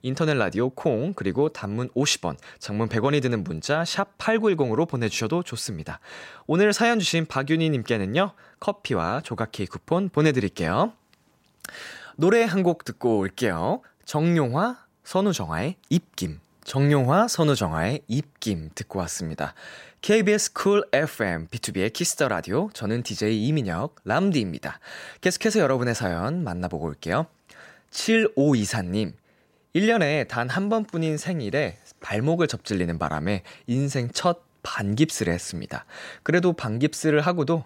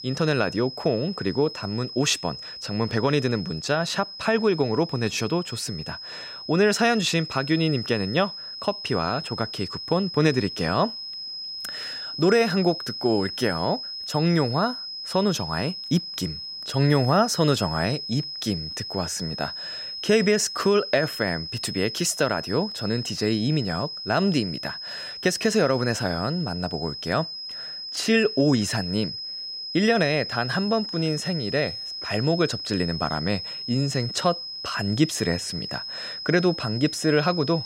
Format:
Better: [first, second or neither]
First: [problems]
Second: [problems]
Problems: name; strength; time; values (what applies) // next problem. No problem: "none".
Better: first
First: none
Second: high-pitched whine; loud; throughout; 5 kHz, 8 dB below the speech